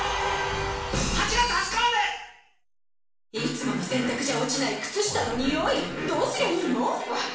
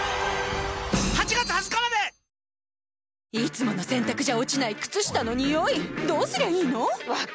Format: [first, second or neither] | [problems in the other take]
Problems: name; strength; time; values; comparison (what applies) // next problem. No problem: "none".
second | room echo; dies away in 0.7 s